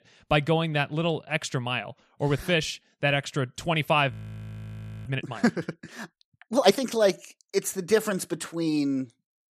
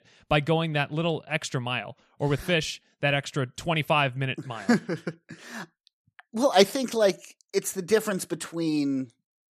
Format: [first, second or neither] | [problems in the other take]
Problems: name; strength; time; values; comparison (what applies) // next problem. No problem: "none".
second | audio freezing; at 4 s for 1 s